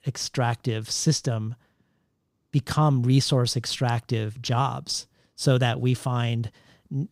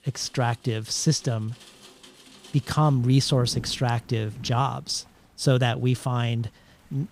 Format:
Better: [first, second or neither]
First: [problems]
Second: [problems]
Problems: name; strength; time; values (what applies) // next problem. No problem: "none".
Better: first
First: none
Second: rain or running water; faint; throughout; 20 dB below the speech